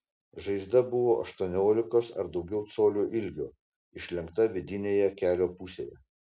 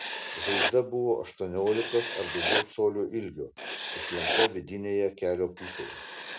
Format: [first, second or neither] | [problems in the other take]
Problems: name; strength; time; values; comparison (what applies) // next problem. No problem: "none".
first | background sound (Writing); 3 dB below the speech